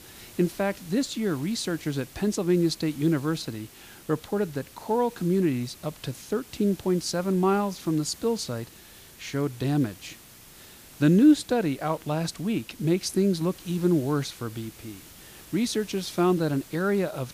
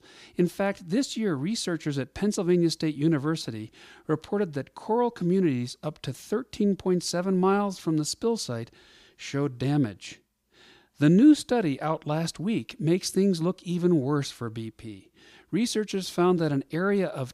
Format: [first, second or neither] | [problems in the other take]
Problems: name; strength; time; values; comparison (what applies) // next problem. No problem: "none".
second | hiss; faint; throughout; 20 dB below the speech